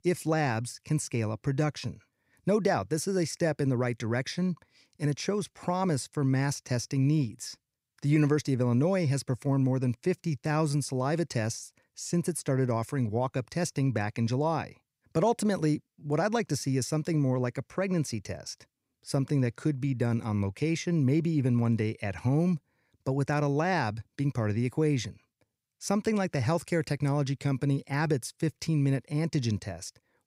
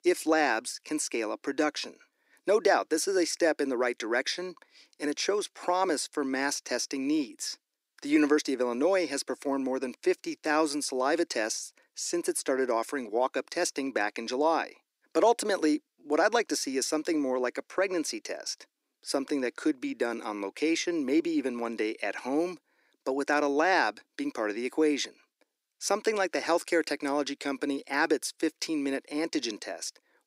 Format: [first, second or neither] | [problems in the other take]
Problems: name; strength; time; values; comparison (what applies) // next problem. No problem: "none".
first | thin; somewhat; fading below 300 Hz